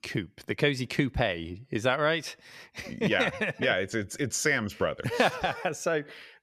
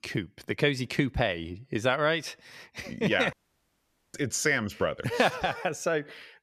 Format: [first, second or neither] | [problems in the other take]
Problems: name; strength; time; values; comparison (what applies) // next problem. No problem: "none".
first | audio cutting out; at 3.5 s for 1 s